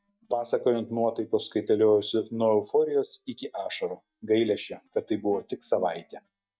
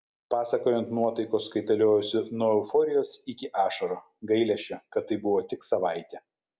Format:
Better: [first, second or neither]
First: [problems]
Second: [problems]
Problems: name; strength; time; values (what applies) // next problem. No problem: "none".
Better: second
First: noise reduction (neural mask model DeepFilterNet 3)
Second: none